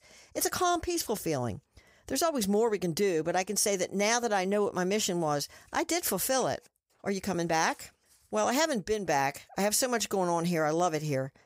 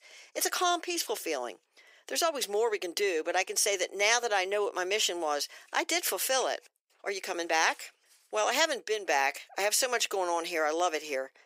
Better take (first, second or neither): first